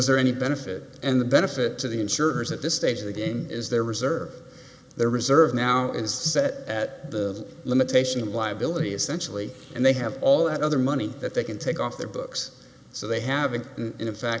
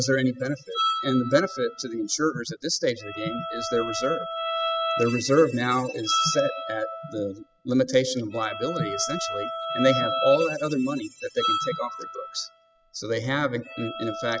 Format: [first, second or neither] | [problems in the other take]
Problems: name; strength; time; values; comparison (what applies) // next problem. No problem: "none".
first | noise reduction (classical method spectral subtraction)